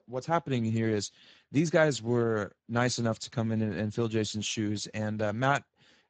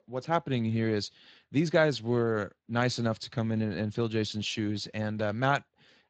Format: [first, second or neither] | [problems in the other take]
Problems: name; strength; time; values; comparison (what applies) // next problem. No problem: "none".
second | garbled, watery; badly; nothing above 7.5 kHz; slightly in the second